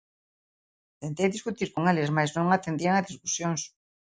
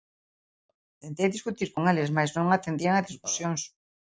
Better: first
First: none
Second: noise reduction (neural mask model DeepFilterNet 3)

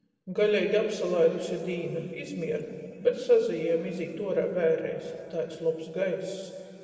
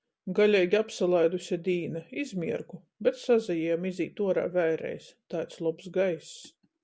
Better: second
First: room echo; dies away in 2.6 s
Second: none

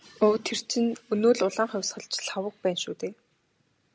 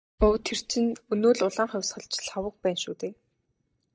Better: first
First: none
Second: noise reduction (neural mask model DeepFilterNet 3)

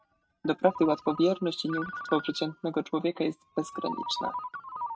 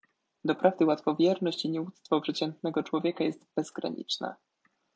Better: second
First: noise reduction (neural mask model RNNoise)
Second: none

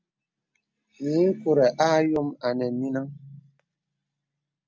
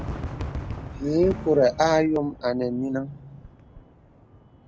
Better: first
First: none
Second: background sound (Fireworks); 11 dB below the speech

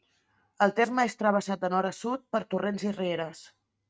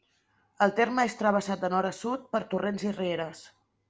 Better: second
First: noise reduction (neural mask model RNNoise)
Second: none

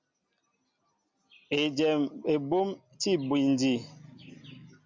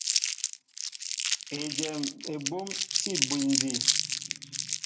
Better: first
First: none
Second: background sound (Crumpling, crinkling); 5 dB above the speech // room echo; dies away in 0.2 s

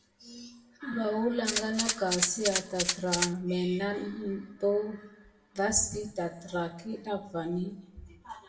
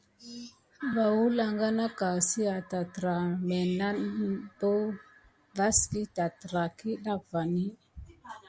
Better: second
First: background sound (Rattle (instrument)); as loud as the speech // room echo; dies away in 0.6 s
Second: none

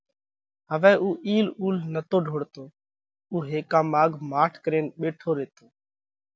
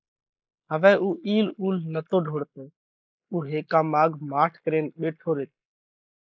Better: first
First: none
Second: noise reduction (neural mask model Resemble Enhance denoiser)

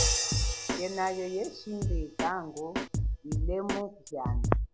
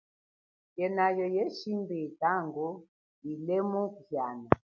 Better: second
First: background sound (Crash cymbal + Drum kit); 4 dB above the speech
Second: none

